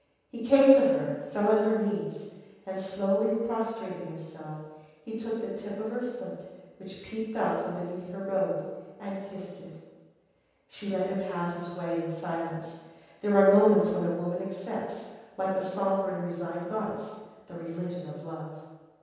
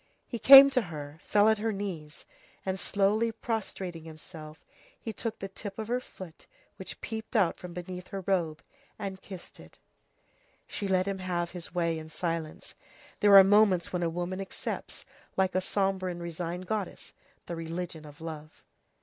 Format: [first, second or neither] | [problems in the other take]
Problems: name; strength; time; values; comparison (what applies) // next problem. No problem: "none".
second | room echo; dies away in 1.2 s